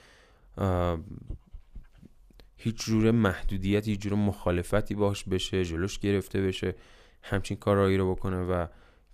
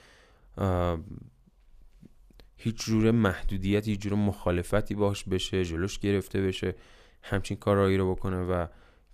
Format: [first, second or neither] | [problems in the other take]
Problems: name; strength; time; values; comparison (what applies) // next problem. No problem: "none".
second | dog barking; faint; at 1.5 s; peak 20 dB below the speech